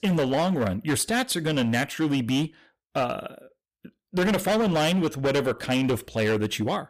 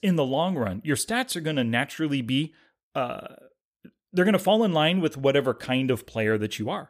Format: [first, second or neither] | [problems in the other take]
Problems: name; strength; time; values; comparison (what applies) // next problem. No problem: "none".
second | distortion; heavy; 16% of the sound clipped